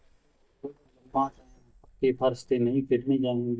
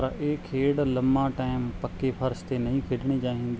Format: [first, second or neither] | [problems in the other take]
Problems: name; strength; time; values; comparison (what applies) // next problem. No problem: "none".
second | noise reduction (neural mask model DeepFilterNet 3)